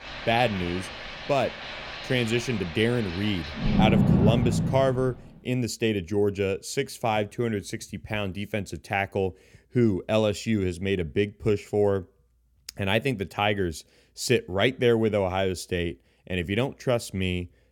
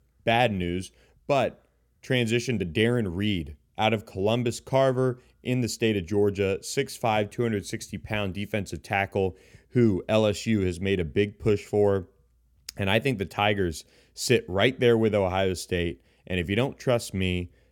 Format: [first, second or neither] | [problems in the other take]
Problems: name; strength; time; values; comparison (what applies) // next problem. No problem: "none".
second | rain or running water; loud; until 5 s; 2 dB below the speech